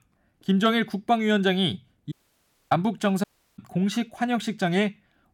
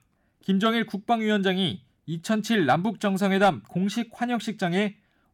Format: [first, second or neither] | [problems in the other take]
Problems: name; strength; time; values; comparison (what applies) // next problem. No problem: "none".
second | audio cutting out; at 2 s for 0.5 s and at 3 s